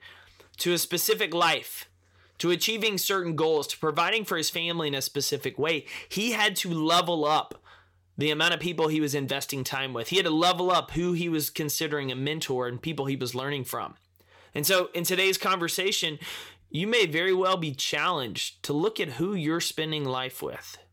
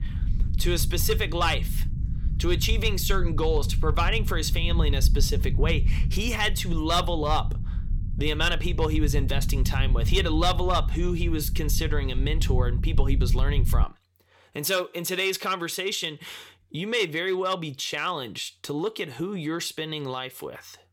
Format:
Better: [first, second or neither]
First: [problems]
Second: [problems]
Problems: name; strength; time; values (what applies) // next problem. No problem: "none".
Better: first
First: none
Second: low rumble; noticeable; until 14 s; 15 dB below the speech